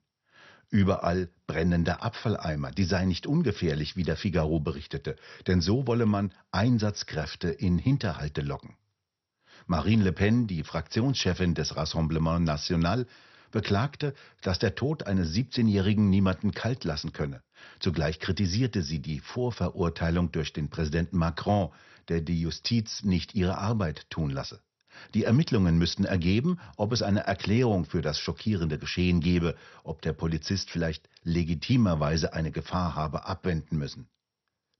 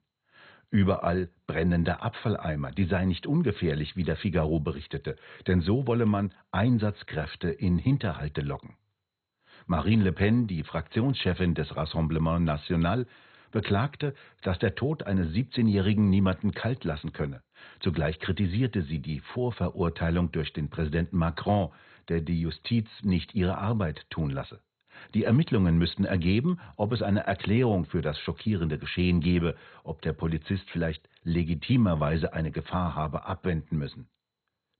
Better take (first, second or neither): first